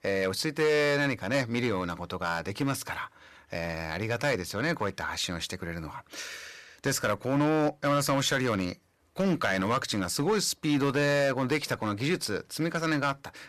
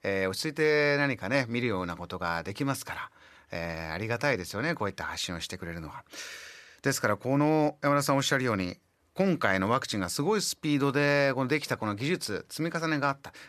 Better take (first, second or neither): second